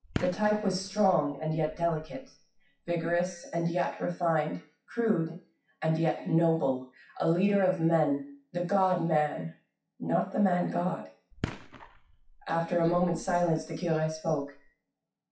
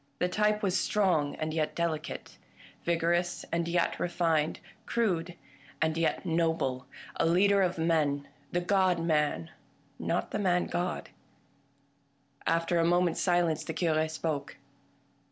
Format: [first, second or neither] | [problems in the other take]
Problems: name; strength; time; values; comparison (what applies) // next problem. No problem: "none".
second | noise reduction (classical method WPE with log-MMSE)